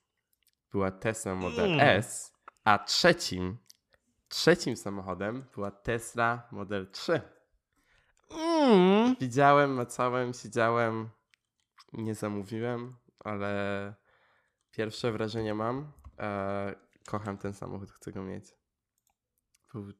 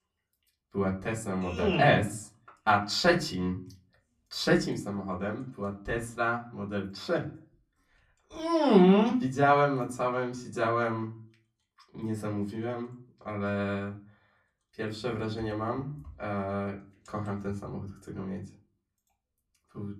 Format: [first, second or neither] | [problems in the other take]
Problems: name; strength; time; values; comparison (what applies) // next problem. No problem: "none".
first | off-mic speech; far // room echo; very slight; dies away in 0.4 s